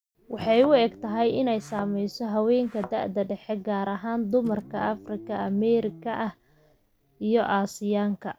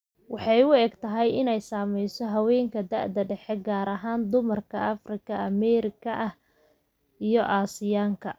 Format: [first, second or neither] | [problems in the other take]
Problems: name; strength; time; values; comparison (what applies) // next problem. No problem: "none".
second | background sound (Thump, thud + Guitar); 19 dB below the speech